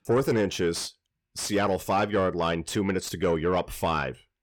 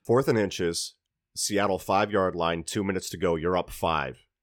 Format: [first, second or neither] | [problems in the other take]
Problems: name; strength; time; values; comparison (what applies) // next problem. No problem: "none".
second | distortion; slight; 10 dB below the speech